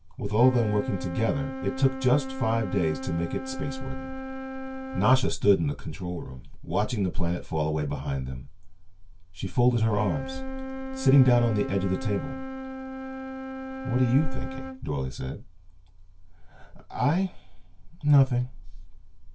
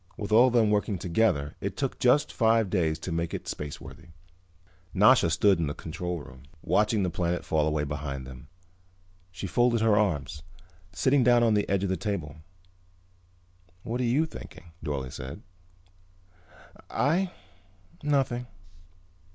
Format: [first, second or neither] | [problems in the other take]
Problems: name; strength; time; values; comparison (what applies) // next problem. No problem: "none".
second | background sound (Wind instrument, woodwind instrument); 11 dB below the speech // room echo; dies away in 0.1 s